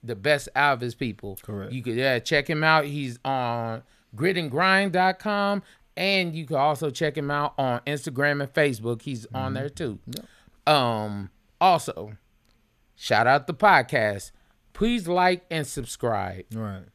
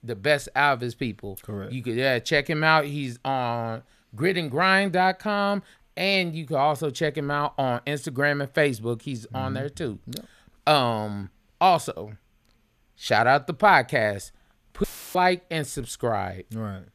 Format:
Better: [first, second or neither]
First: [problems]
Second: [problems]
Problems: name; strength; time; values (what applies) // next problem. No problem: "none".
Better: first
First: none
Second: audio cutting out; filled with static; at 15 s